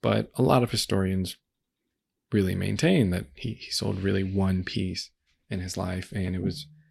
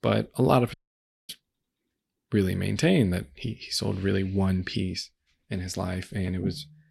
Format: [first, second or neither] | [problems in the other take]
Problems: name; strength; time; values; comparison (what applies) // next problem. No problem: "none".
first | audio cutting out; at 0.5 s for 0.5 s